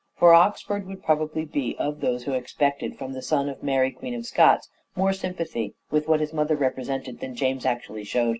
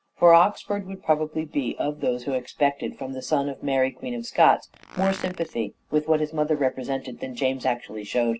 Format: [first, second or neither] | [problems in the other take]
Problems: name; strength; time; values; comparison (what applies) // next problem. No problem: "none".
first | background sound (Fart); 18 dB below the speech